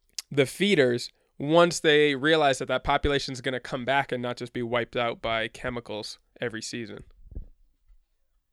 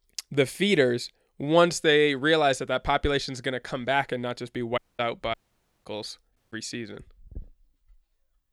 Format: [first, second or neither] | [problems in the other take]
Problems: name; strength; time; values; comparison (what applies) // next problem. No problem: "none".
first | audio cutting out; at 5 s, at 5.5 s for 0.5 s and at 6.5 s